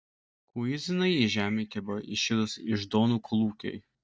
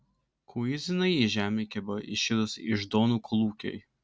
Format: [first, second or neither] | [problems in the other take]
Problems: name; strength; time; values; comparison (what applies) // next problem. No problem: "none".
second | noise reduction (neural mask model DeepFilterNet 3)